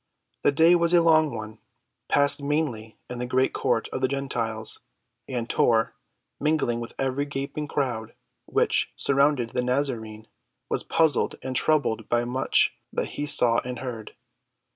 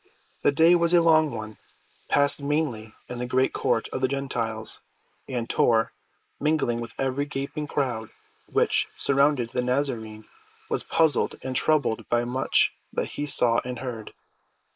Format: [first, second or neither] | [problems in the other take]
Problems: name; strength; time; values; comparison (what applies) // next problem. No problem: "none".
first | noise reduction (neural mask model Resemble Enhance denoiser)